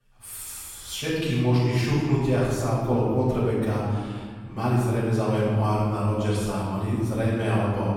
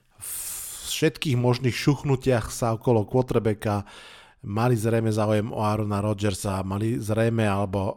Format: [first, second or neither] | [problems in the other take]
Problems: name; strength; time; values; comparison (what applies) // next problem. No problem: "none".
second | off-mic speech; far // room echo; strong; dies away in 1.8 s